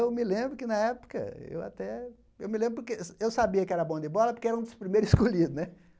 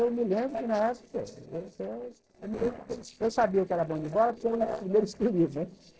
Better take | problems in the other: first | noise reduction (neural separator model SepFormer DNS4)

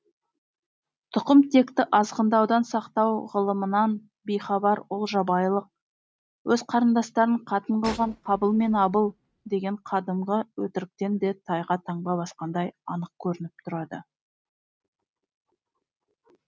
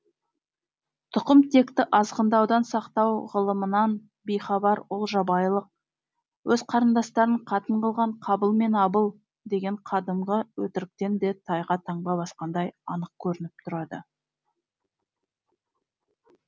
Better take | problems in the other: second | noise reduction (neural mask model RNNoise)

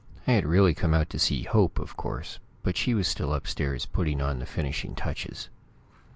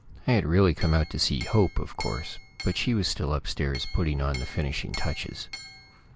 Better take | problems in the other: first | background sound (Chink, clink); 16 dB below the speech

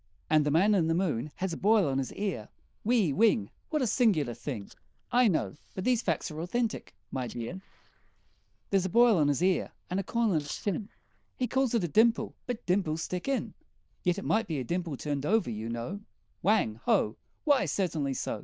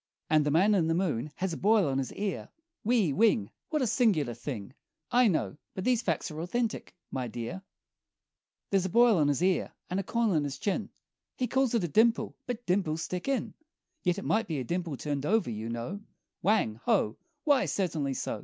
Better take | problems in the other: second | noise reduction (neural diffusion model UNIVERSE++)

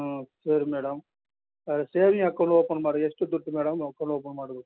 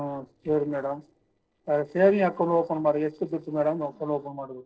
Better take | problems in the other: first | noise reduction (neural separator model SepFormer DNS4)

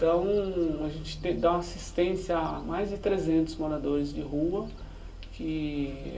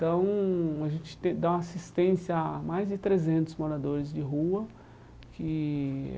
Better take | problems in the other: second | background sound (Gull, seagull); 13 dB below the speech // room echo; dies away in 0.2 s

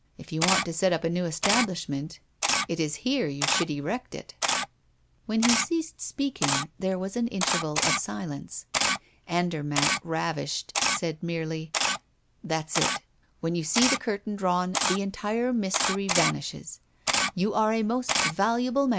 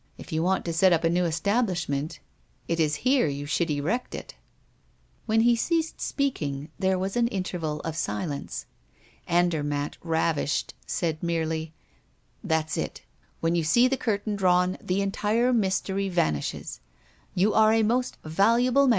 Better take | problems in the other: second | background sound (Camera); 2 dB below the speech

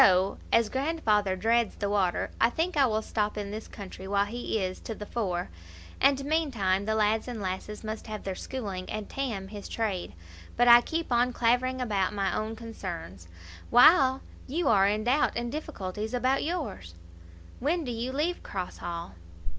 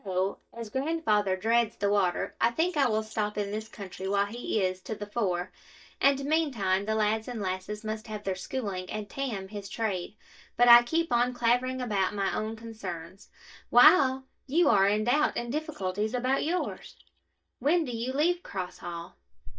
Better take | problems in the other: first | noise reduction (neural mask model DeepFilterNet 3)

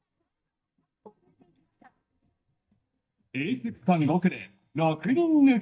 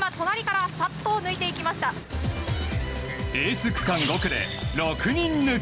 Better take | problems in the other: second | noise reduction (neural mask model DeepFilterNet 3)

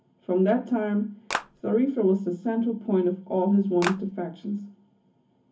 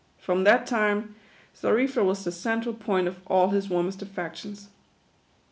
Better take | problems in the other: second | background sound (Clapping); 5 dB below the speech // room echo; dies away in 0.3 s

